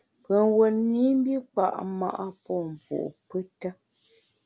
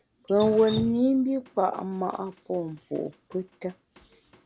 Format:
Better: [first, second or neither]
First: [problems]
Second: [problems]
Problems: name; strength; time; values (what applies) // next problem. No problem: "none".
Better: first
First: none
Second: background sound (Drip); 16 dB below the speech